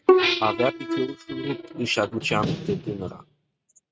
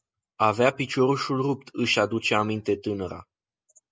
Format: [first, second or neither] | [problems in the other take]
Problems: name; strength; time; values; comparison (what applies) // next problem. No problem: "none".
second | noise reduction (neural mask model RNNoise)